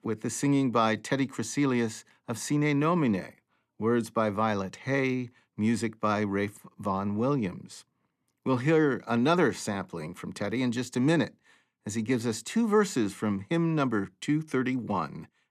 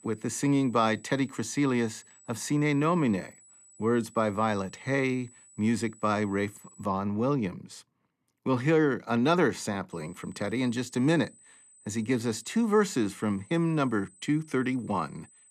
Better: first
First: none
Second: high-pitched whine; faint; until 7 s and from 10 s on; 8 kHz, 25 dB below the speech

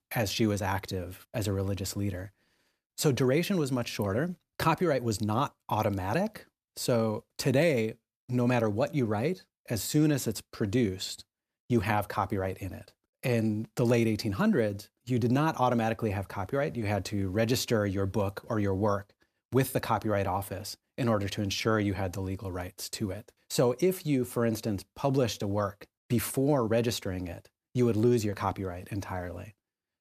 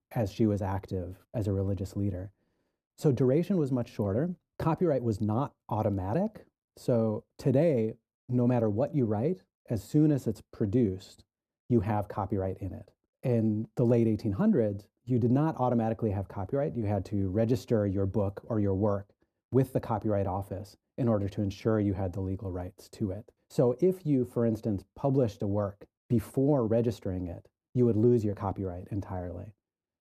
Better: first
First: none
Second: muffled; slightly; fading above 1 kHz

